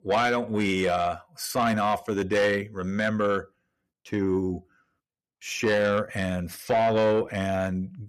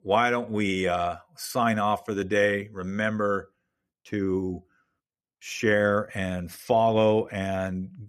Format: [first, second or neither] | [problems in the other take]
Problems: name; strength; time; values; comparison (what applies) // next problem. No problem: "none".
second | distortion; slight; 10 dB below the speech